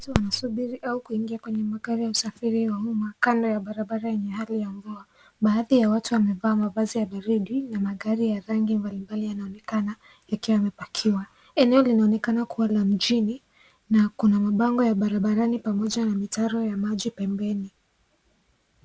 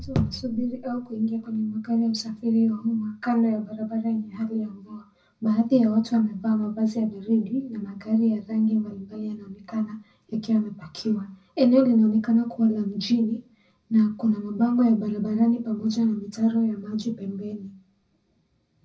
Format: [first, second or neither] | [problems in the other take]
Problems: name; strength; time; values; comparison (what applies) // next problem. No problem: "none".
first | room echo; dies away in 0.4 s